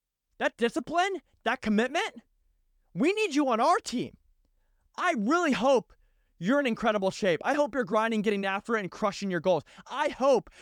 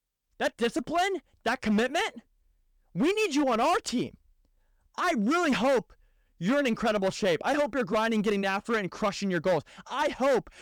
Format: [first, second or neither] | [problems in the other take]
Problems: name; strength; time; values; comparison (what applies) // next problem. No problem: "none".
first | distortion; slight; 9% of the sound clipped